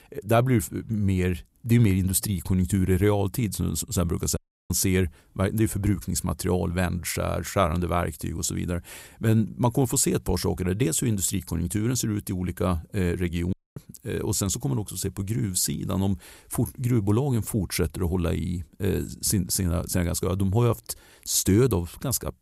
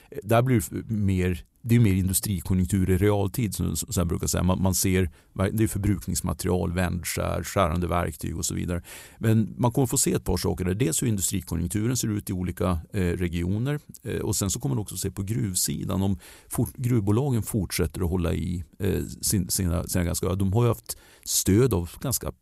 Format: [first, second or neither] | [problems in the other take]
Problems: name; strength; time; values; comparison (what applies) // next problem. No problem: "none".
second | audio cutting out; at 4.5 s and at 14 s